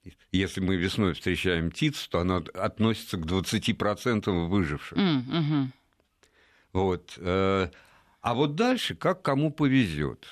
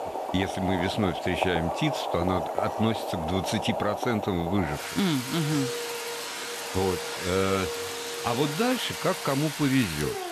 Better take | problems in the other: first | household noises; loud; throughout; 4 dB below the speech

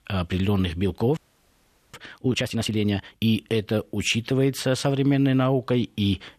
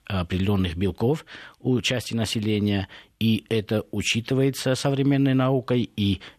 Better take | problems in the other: second | audio freezing; at 1 s for 1 s

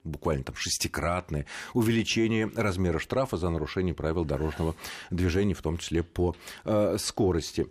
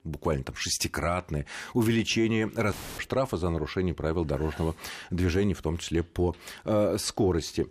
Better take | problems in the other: first | audio cutting out; filled with static; at 2.5 s

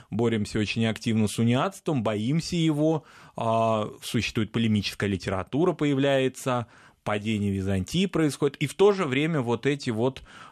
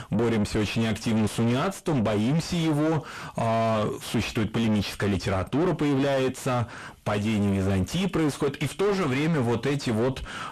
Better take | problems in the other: first | distortion; heavy; 6 dB below the speech

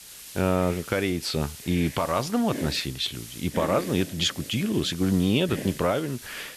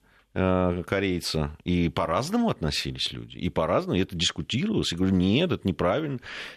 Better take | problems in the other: second | hiss; noticeable; throughout; 10 dB below the speech

